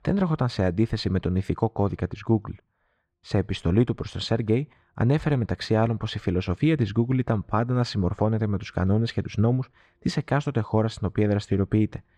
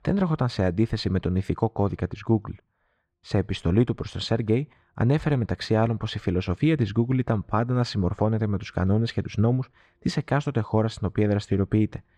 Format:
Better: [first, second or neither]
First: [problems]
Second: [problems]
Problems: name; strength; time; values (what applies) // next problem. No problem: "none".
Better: neither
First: muffled; slightly; fading above 2.5 kHz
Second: muffled; slightly; fading above 2.5 kHz